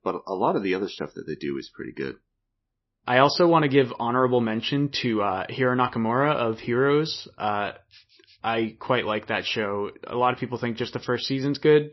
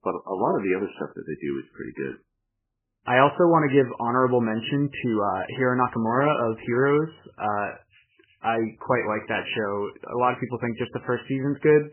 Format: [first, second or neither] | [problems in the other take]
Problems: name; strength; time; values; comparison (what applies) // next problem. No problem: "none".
first | garbled, watery; badly; nothing above 3 kHz; slightly in the first